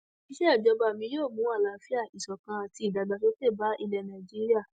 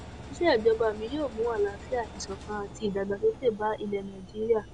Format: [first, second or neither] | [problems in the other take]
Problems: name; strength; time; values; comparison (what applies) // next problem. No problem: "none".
first | background sound (Engine); 15 dB below the speech